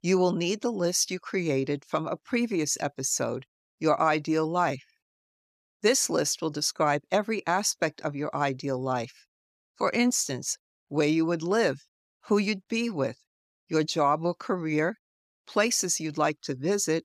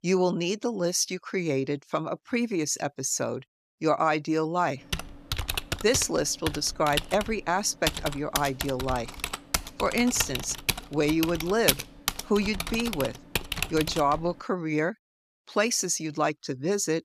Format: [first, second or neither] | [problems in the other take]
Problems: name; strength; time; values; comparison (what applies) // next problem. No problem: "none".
first | keyboard typing; loud; from 5 to 14 s; peak 2 dB above the speech